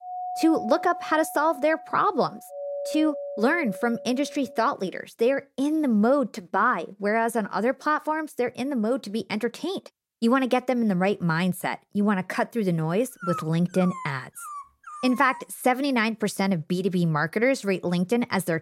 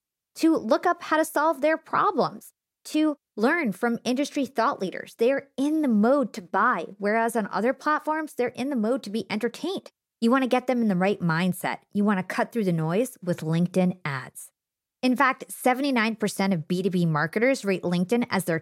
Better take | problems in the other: second | doorbell; noticeable; until 4.5 s; peak 7 dB below the speech // dog barking; noticeable; from 13 to 15 s; peak 9 dB below the speech

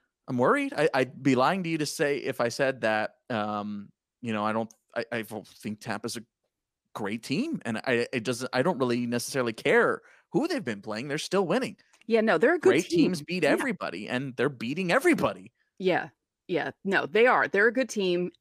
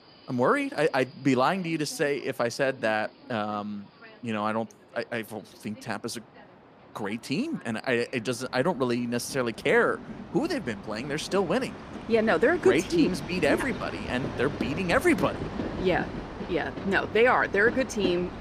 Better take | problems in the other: first | train or aircraft noise; noticeable; throughout; 10 dB below the speech

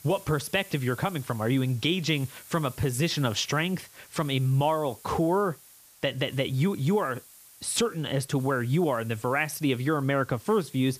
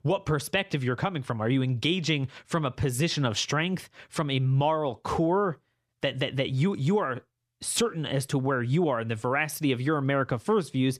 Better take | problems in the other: second | hiss; faint; throughout; 20 dB below the speech

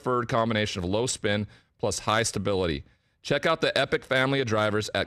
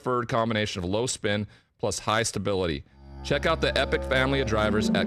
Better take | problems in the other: first | background music; loud; from 3 s on; 7 dB below the speech

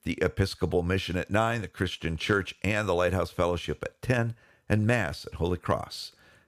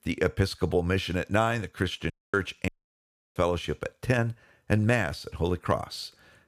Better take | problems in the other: first | audio cutting out; at 2 s and at 2.5 s for 0.5 s

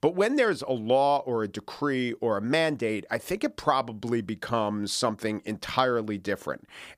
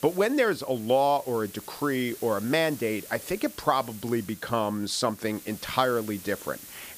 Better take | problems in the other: first | hiss; noticeable; throughout; 15 dB below the speech

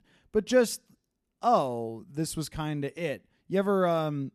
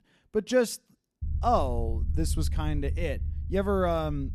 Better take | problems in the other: first | low rumble; faint; from 1 s on; 20 dB below the speech

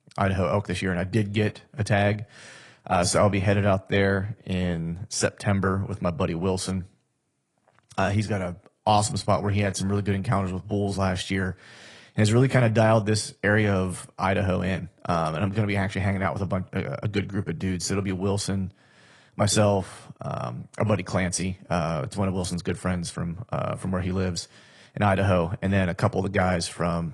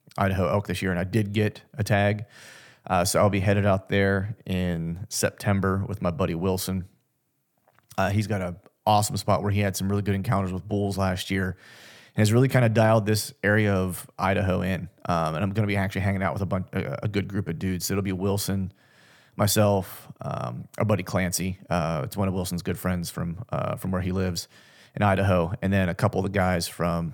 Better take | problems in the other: second | garbled, watery; slightly; nothing above 10.5 kHz

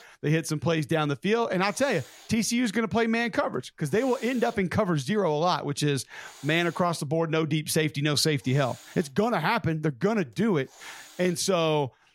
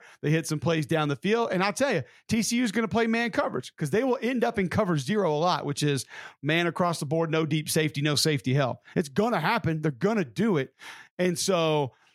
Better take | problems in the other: second | hiss; faint; throughout; 20 dB below the speech

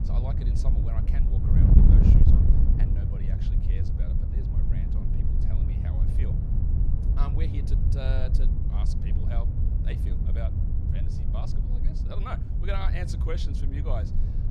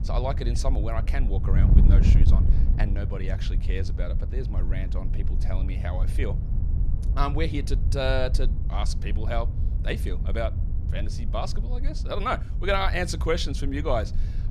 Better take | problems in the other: second | wind noise on the microphone; heavy; 2 dB above the speech; occasional gusts in the second

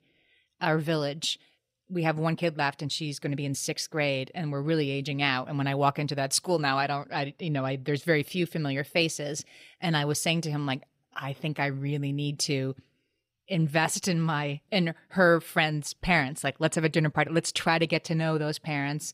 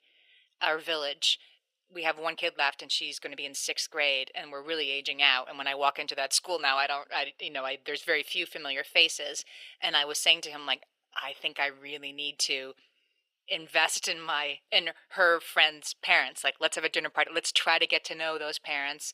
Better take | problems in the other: first | thin; very; fading below 500 Hz

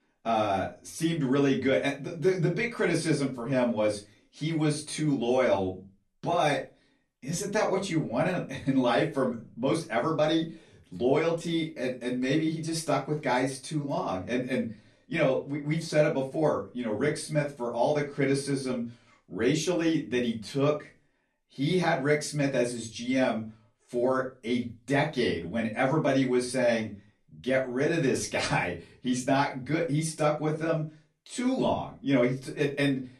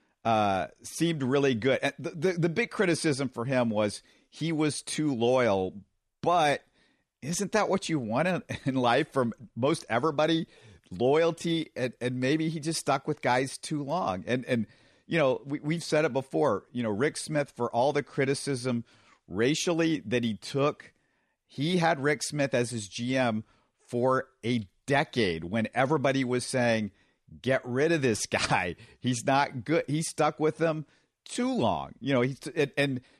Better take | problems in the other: second | off-mic speech; far // room echo; very slight; dies away in 0.2 s

